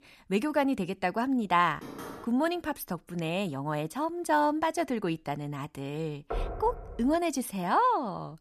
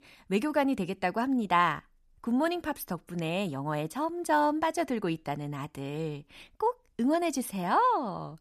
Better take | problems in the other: second | door banging; faint; at 2 s; peak 10 dB below the speech // door banging; noticeable; at 6.5 s; peak 6 dB below the speech

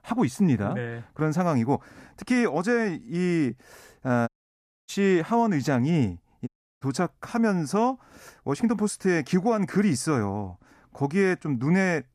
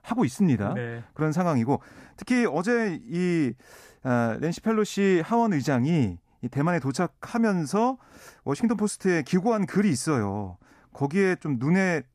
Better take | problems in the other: second | audio cutting out; at 4.5 s for 0.5 s and at 6.5 s

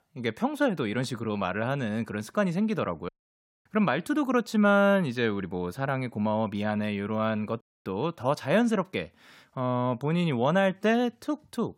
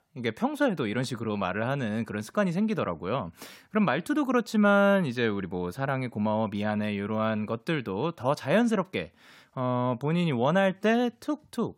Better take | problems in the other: second | audio cutting out; at 3 s for 0.5 s and at 7.5 s

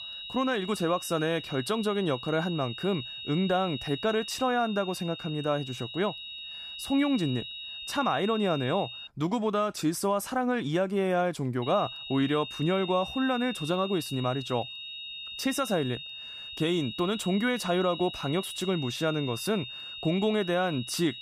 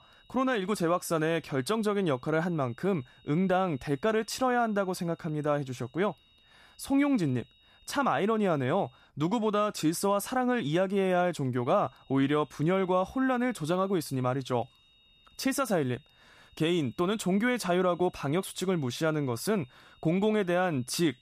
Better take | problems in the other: second | high-pitched whine; loud; until 9 s and from 12 s on; 4 kHz, 9 dB below the speech; faint in the second

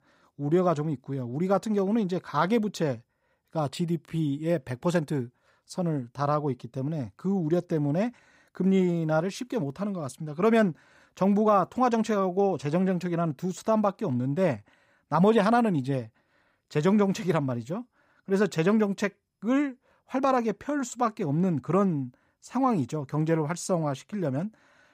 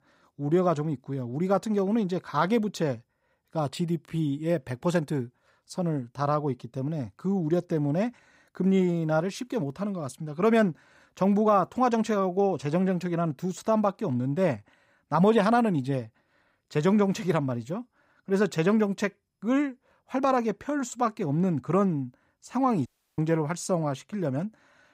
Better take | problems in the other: first | audio cutting out; at 23 s

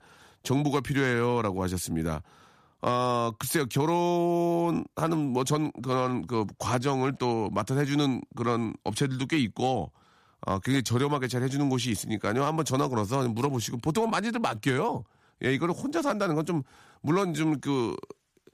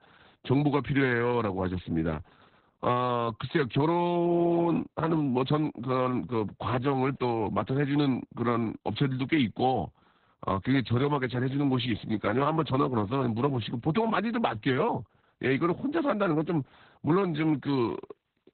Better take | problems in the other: first | garbled, watery; badly; nothing above 4 kHz

